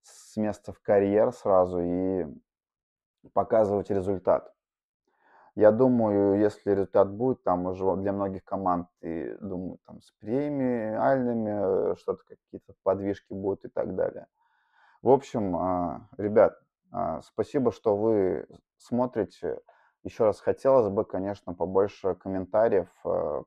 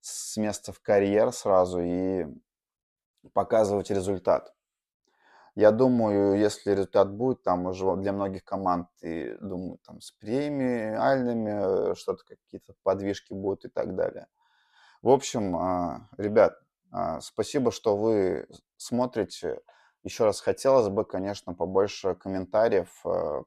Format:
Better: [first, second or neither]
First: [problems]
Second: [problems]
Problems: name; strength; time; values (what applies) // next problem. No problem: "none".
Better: second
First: muffled; very; fading above 2.5 kHz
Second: none